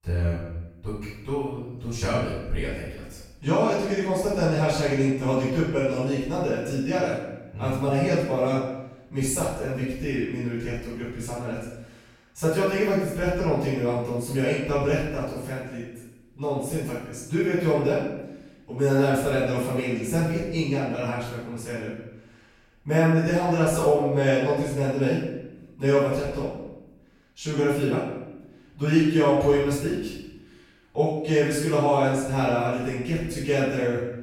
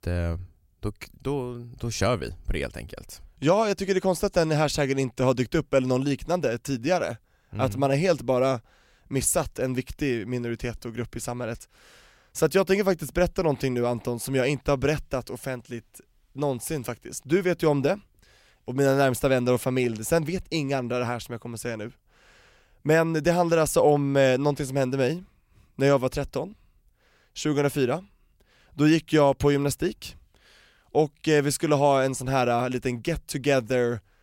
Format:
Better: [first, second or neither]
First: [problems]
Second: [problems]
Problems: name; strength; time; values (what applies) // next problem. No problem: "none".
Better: second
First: room echo; strong; dies away in 0.9 s // off-mic speech; far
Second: none